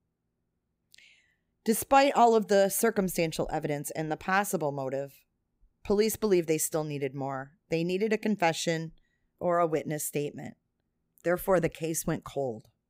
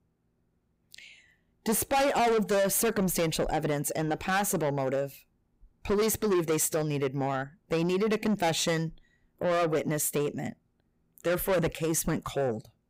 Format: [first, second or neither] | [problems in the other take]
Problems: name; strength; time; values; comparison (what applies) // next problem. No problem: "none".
first | distortion; heavy; 6 dB below the speech